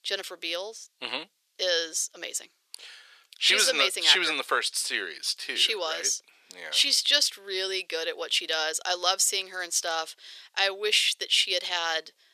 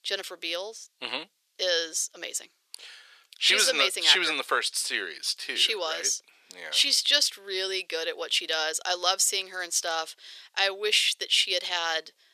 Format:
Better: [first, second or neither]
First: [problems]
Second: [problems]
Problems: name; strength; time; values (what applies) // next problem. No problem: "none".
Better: neither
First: thin; very; fading below 450 Hz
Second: thin; very; fading below 450 Hz